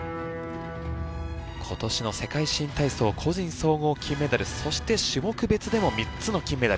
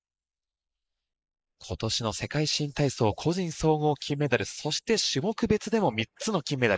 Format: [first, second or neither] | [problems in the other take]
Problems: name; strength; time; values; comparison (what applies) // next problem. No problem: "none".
first | noise reduction (neural mask model Resemble Enhance denoiser)